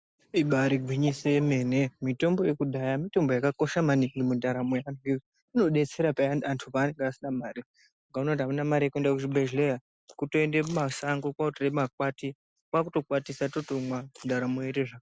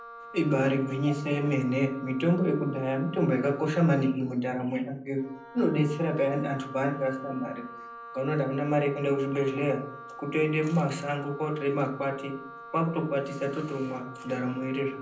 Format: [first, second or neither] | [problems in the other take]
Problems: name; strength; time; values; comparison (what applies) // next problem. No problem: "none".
first | background sound (Wind instrument, woodwind instrument); 16 dB below the speech // room echo; dies away in 0.6 s